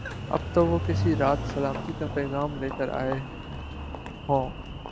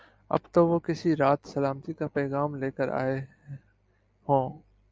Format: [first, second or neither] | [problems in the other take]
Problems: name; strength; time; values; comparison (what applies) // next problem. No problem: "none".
second | background sound (Engine); 4 dB below the speech